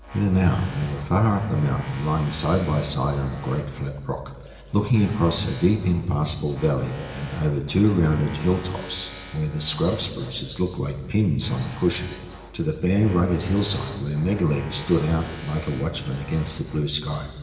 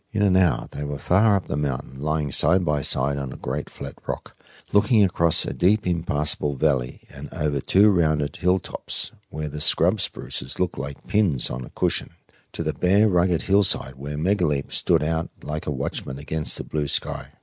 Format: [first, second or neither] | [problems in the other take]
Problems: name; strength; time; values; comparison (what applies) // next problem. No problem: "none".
second | background sound (Tools); 17 dB below the speech // room echo; dies away in 2.1 s